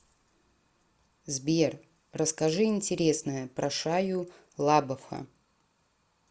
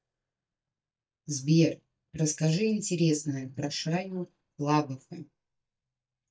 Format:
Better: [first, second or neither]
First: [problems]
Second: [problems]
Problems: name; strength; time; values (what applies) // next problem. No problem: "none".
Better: first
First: none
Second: noise reduction (neural mask model DeepFilterNet 3)